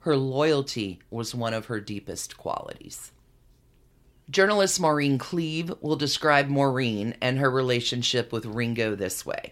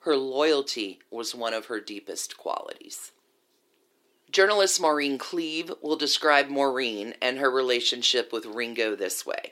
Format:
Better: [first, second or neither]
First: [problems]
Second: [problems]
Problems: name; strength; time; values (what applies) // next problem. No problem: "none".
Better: first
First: none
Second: thin; somewhat; fading below 350 Hz